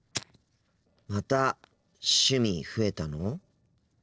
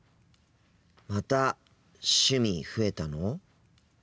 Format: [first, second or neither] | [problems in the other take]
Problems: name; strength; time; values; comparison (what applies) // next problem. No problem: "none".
second | noise reduction (neural separator model SepFormer DNS4)